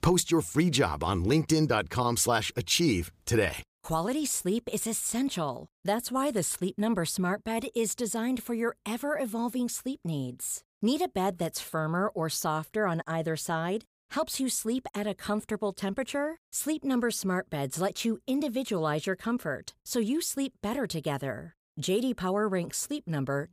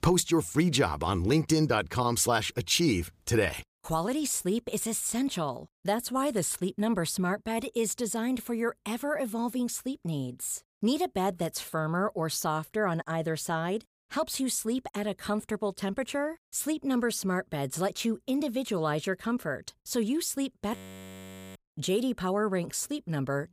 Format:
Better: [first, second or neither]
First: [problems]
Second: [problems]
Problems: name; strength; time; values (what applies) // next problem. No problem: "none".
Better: first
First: none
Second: audio freezing; at 21 s for 1 s